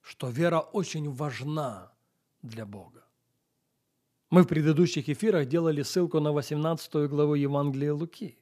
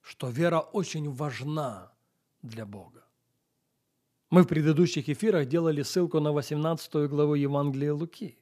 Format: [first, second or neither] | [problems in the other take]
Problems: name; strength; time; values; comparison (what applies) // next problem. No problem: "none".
neither | none